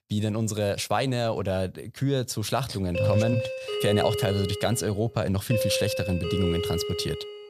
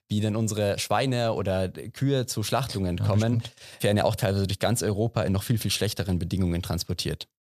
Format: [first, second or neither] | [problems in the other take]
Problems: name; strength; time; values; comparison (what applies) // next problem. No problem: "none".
second | doorbell; noticeable; from 3 s on; peak level with the speech